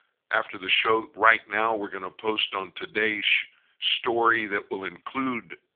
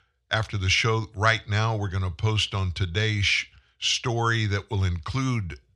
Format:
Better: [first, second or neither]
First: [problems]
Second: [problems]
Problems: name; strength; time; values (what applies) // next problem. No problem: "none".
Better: second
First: phone-call audio; poor line; nothing above 3.5 kHz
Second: none